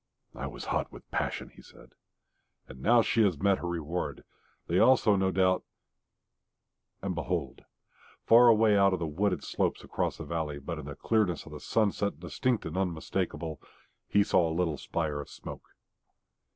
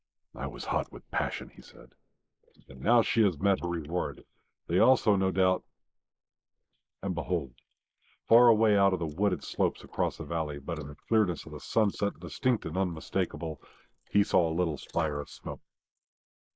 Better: first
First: none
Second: noise reduction (neural mask model Resemble Enhance denoiser)

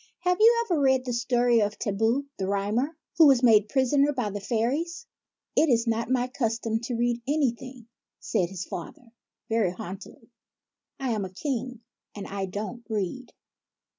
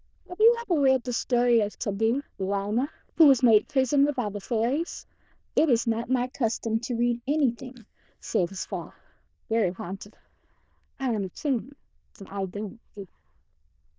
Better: first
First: none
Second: noise reduction (neural diffusion model UNIVERSE++)

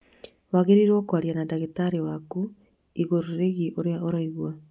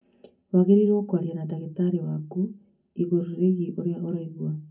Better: first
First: none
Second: room echo; dies away in 0.3 s

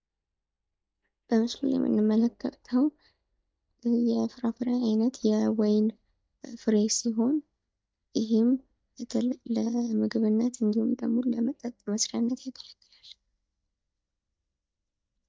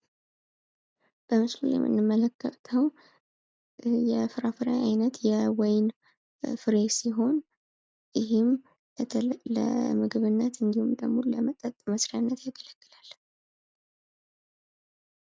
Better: second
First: noise reduction (neural mask model DeepFilterNet 3)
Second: none

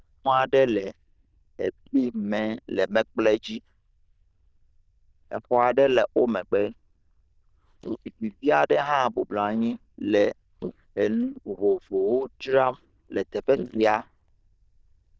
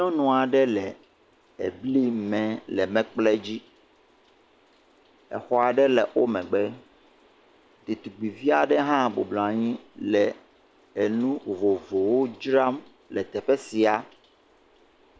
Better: second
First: noise reduction (neural diffusion model UNIVERSE++)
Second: none

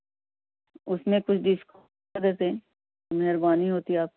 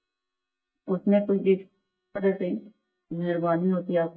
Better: first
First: none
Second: noise reduction (neural mask model DeepFilterNet 3)

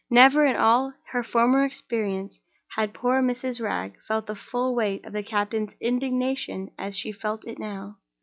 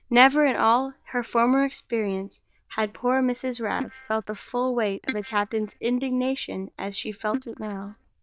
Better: first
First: none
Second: noise reduction (neural diffusion model UNIVERSE++)

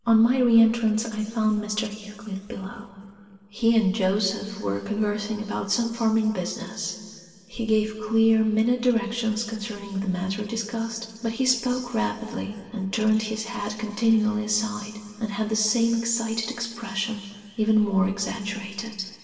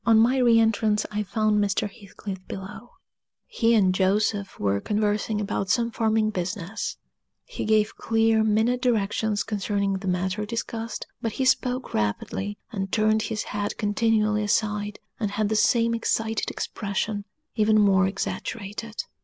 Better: second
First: room echo; dies away in 2.7 s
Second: none

